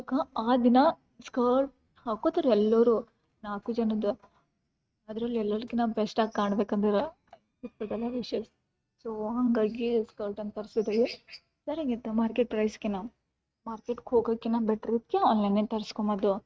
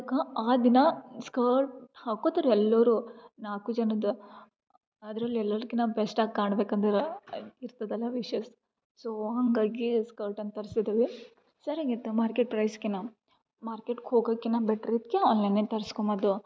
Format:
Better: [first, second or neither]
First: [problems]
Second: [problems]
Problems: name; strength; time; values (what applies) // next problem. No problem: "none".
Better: second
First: noise reduction (neural mask model RNNoise)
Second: none